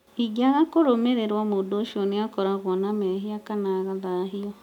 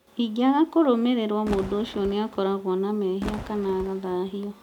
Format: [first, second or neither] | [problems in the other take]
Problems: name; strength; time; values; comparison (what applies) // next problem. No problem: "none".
first | background sound (Fireworks); 13 dB below the speech